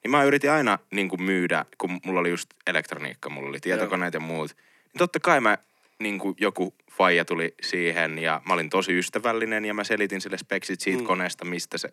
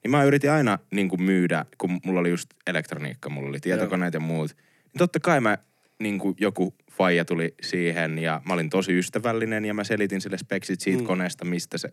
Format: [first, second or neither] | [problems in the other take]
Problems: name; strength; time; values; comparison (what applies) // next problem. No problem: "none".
second | thin; very slightly; fading below 250 Hz